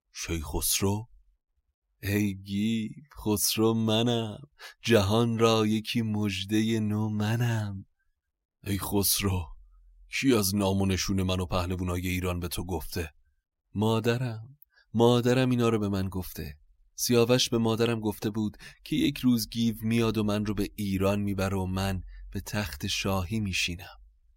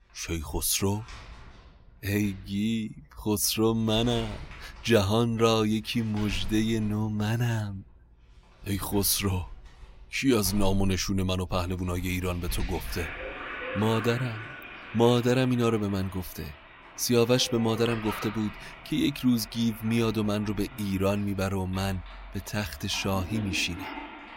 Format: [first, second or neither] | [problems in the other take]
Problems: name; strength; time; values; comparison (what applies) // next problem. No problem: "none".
first | household noises; noticeable; throughout; 15 dB below the speech